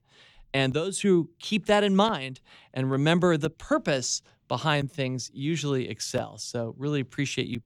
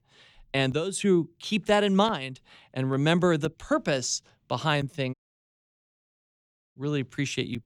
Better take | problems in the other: first | audio cutting out; at 5 s for 1.5 s

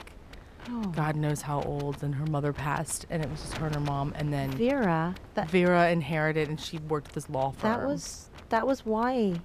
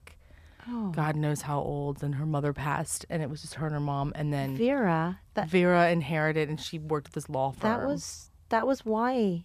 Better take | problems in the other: second | wind noise on the microphone; occasional gusts; 20 dB below the speech

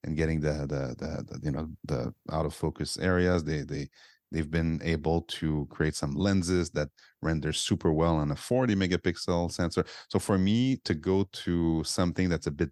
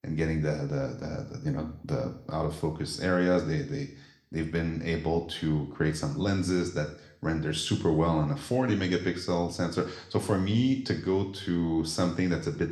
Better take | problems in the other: first | room echo; slight; dies away in 0.6 s

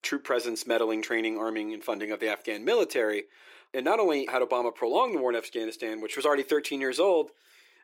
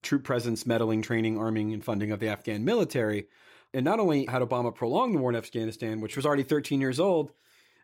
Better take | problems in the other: second | thin; somewhat; fading below 350 Hz

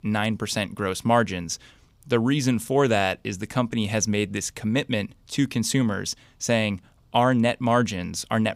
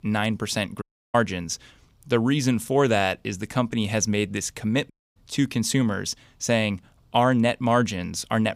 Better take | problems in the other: first | audio cutting out; at 1 s and at 5 s

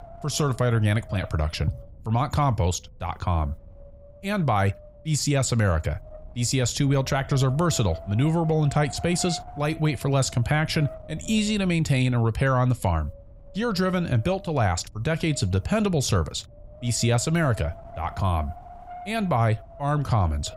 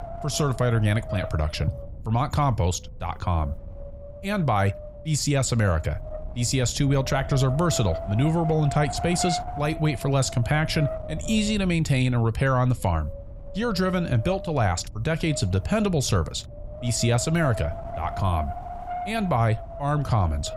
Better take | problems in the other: first | wind noise on the microphone; heavy; 8 dB below the speech; occasional gusts in the first

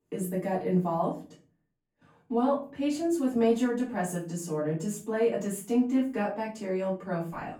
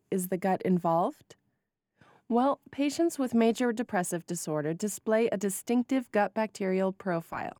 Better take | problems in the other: second | off-mic speech; far // room echo; slight; dies away in 0.4 s

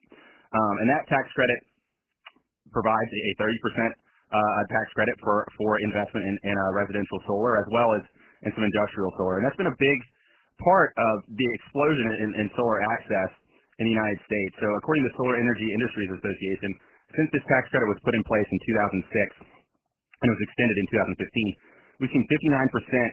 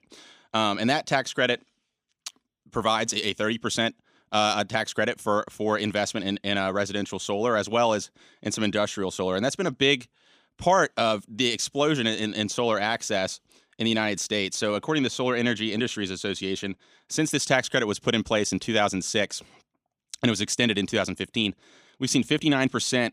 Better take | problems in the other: second | garbled, watery; badly; nothing above 3 kHz

